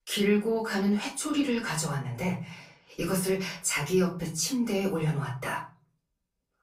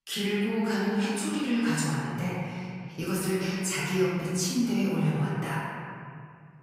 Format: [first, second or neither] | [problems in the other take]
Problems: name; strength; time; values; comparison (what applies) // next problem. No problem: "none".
first | room echo; strong; dies away in 2.2 s; slight in the first // off-mic speech; far; far in the first